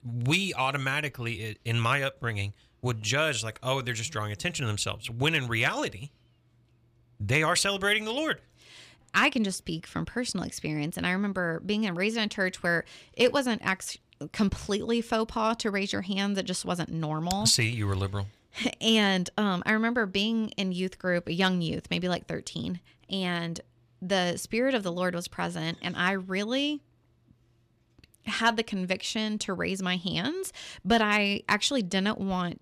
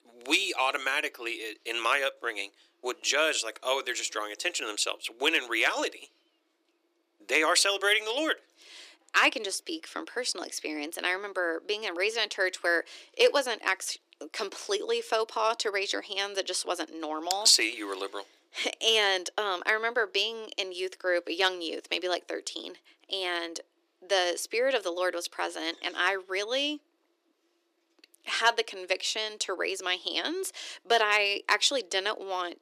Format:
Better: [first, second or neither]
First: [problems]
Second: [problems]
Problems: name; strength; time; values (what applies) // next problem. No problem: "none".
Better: first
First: none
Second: thin; very; fading below 300 Hz